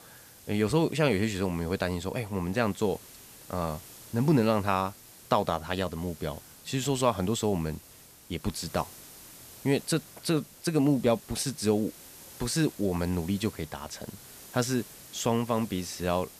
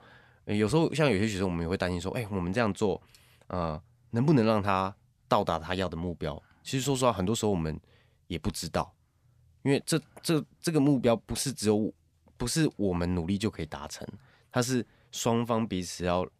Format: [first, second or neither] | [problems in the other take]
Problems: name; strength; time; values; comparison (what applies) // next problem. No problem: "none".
second | hiss; noticeable; throughout; 20 dB below the speech